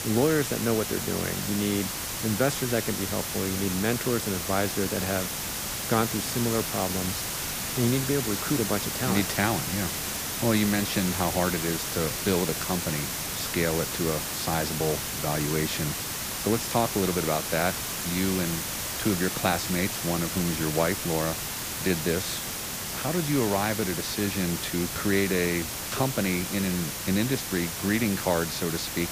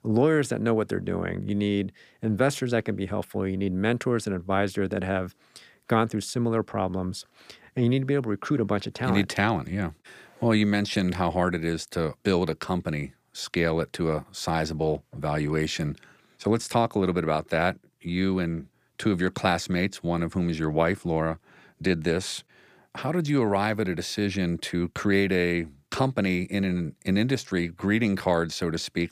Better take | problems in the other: second | hiss; loud; throughout; 2 dB below the speech

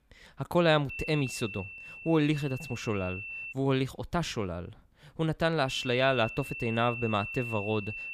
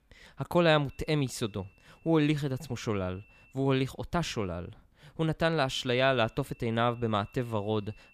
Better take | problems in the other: second | high-pitched whine; loud; from 1 to 3.5 s and from 5.5 s on; 2.5 kHz, 9 dB below the speech; faint in the second

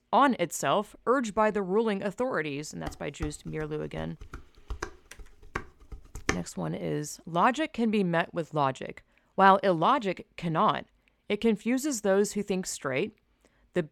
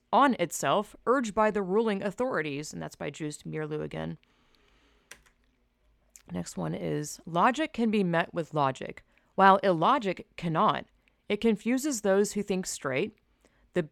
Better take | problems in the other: second | clattering dishes; noticeable; from 3 to 6.5 s; peak 5 dB below the speech

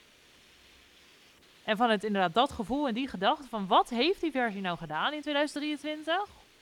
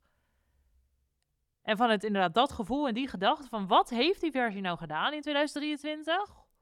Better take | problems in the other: second | hiss; faint; throughout; 25 dB below the speech

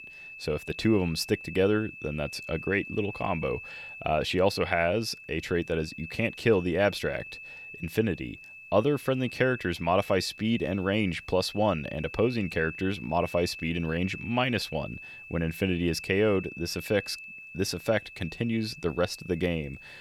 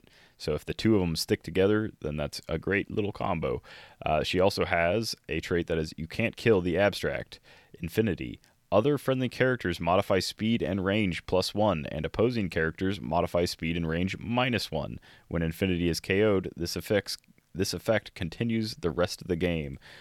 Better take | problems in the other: second | high-pitched whine; noticeable; throughout; 2.5 kHz, 15 dB below the speech

